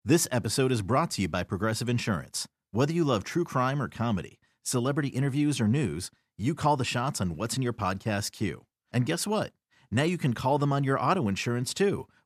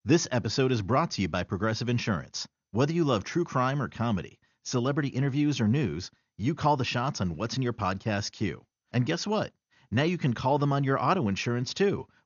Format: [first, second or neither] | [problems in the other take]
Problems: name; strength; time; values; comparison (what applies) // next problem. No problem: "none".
first | garbled, watery; slightly; nothing above 6.5 kHz